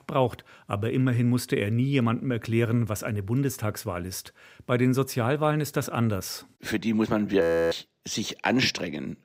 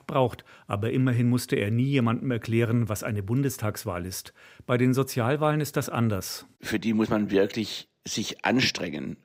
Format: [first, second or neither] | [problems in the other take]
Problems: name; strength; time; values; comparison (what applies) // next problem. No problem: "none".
second | audio freezing; at 7.5 s